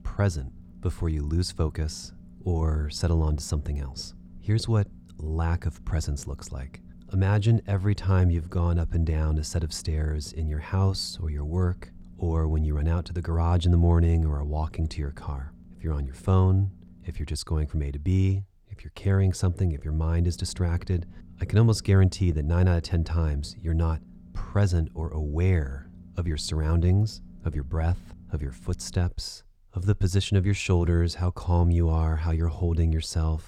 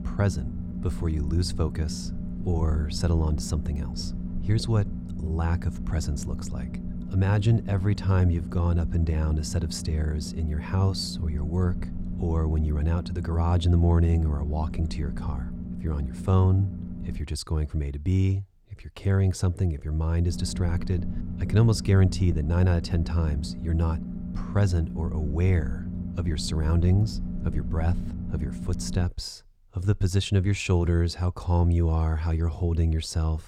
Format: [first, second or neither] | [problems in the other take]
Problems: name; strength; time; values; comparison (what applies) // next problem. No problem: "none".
first | low rumble; loud; until 17 s and from 20 to 29 s; 9 dB below the speech; faint in the first